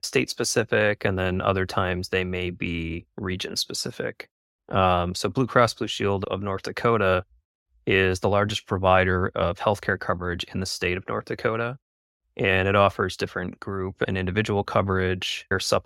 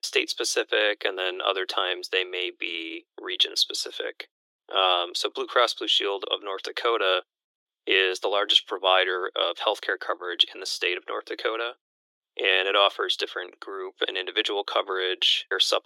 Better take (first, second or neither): first